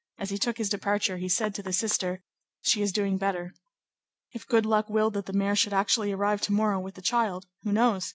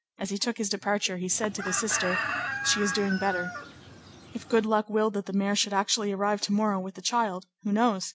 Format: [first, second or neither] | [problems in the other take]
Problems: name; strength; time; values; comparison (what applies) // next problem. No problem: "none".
first | background sound (Chicken, rooster); 6 dB below the speech